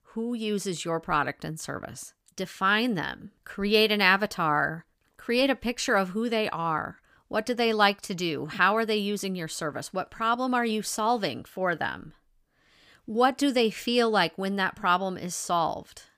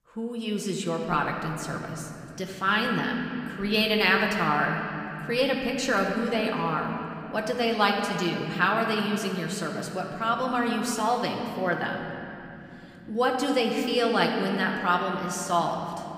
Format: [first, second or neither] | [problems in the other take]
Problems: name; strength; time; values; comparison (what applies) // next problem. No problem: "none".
first | room echo; noticeable; dies away in 3 s // off-mic speech; somewhat distant